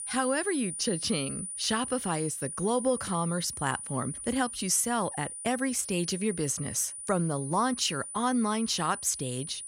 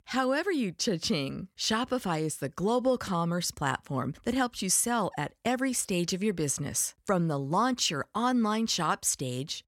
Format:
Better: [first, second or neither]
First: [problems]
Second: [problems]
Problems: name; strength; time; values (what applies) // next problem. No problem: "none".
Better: second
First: high-pitched whine; loud; throughout; 9.5 kHz, 7 dB below the speech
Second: none